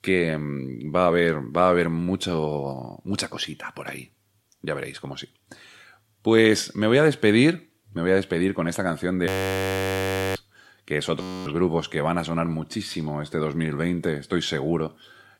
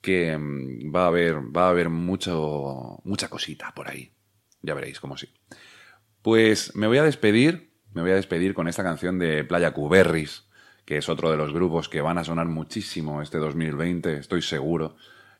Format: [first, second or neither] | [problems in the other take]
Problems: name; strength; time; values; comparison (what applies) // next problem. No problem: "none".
second | audio freezing; at 9.5 s for 1 s and at 11 s